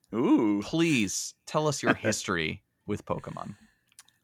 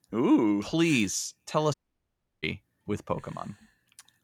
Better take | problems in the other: first | audio cutting out; at 1.5 s for 0.5 s

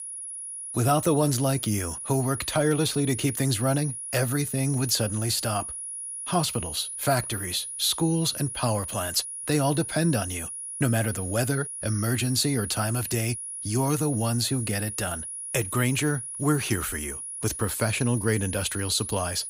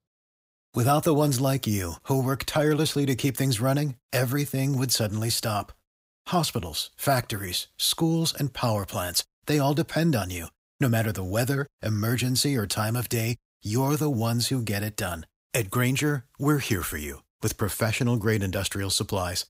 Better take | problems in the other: second | high-pitched whine; loud; throughout; 10.5 kHz, 7 dB below the speech

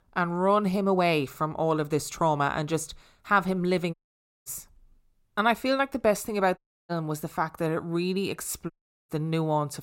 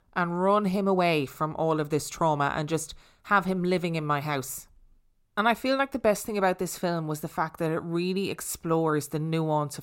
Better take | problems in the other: second | audio cutting out; at 4 s for 0.5 s, at 6.5 s and at 8.5 s

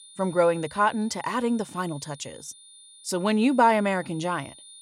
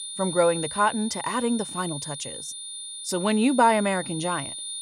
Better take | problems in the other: first | high-pitched whine; loud; throughout; 9.5 kHz, 9 dB below the speech; faint in the first

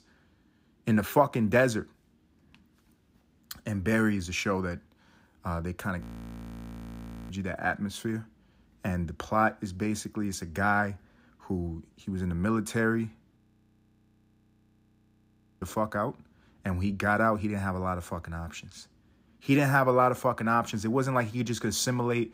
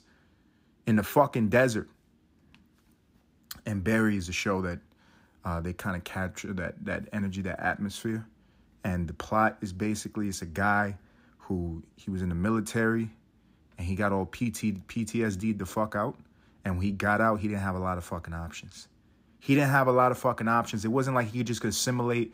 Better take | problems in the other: second | audio freezing; at 6 s for 1.5 s and at 13 s for 2.5 s

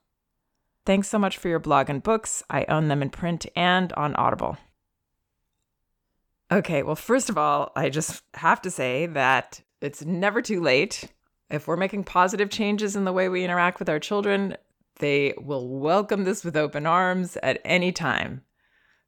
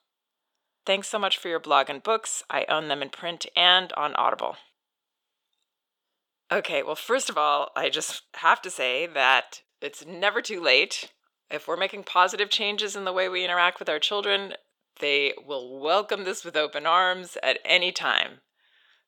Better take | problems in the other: first | thin; very; fading below 500 Hz

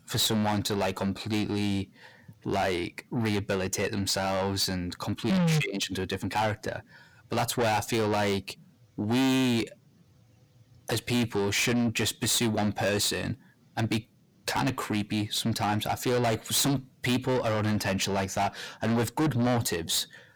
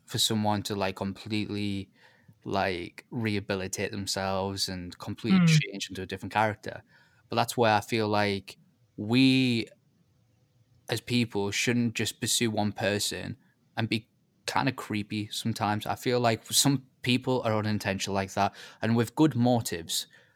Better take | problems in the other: second | distortion; heavy; 6 dB below the speech

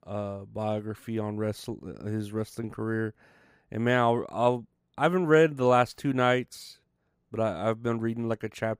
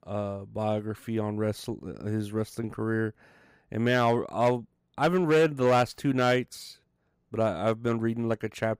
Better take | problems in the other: first | distortion; slight; 2% of the sound clipped

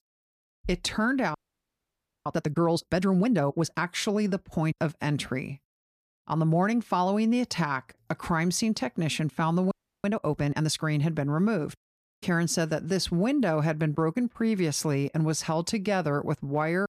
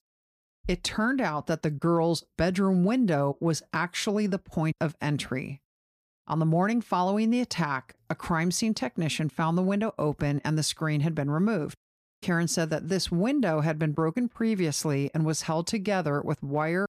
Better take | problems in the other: second | audio freezing; at 1.5 s for 1 s and at 9.5 s

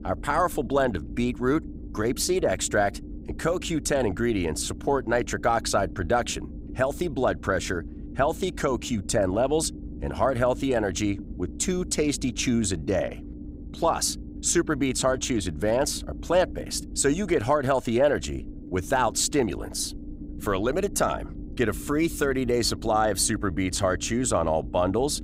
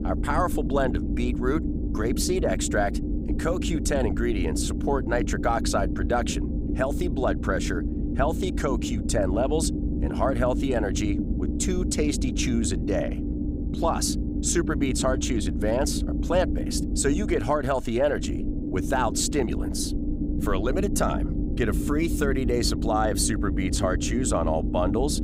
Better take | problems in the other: first | low rumble; loud; throughout; 8 dB below the speech; faint in the first

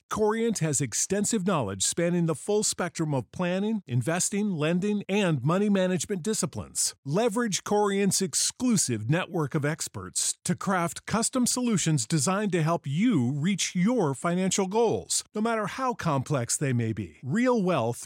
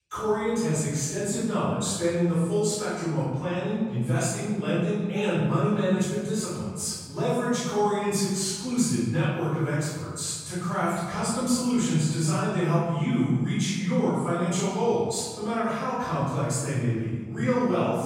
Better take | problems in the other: first | off-mic speech; far // room echo; strong; dies away in 1.4 s

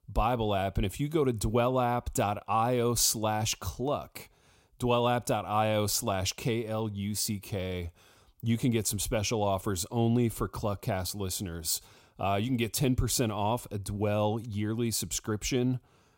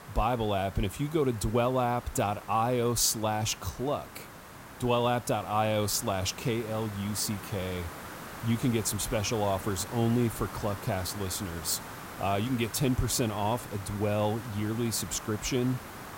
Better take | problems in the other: first | hiss; noticeable; throughout; 15 dB below the speech

